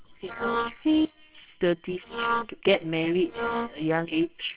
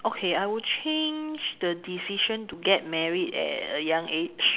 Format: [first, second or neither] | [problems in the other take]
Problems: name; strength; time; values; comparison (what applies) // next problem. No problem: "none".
second | noise reduction (neural separator model SepFormer WHAMR!)